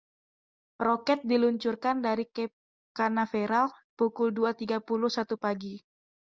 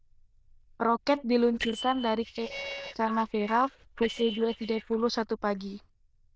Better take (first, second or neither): first